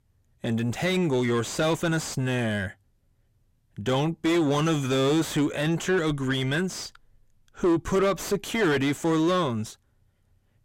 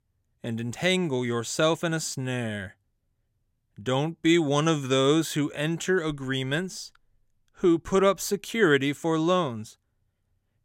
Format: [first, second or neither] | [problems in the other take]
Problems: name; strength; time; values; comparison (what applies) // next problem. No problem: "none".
second | distortion; heavy; 6 dB below the speech